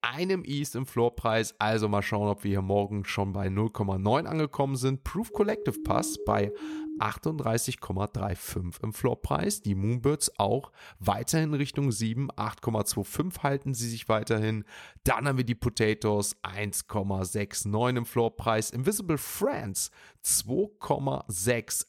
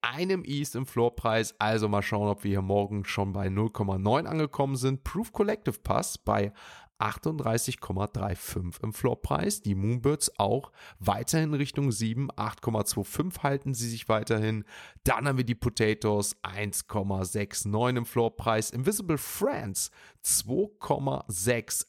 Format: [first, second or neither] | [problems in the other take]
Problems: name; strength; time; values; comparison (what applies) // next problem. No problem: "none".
second | siren; noticeable; from 5.5 to 7 s; peak 7 dB below the speech